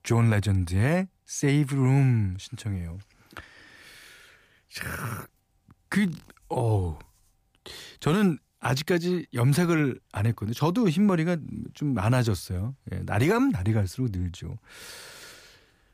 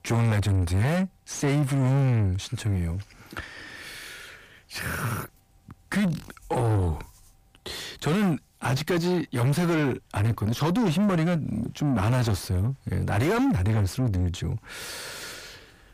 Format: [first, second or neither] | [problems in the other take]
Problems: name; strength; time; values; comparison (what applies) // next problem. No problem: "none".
first | distortion; heavy; 8 dB below the speech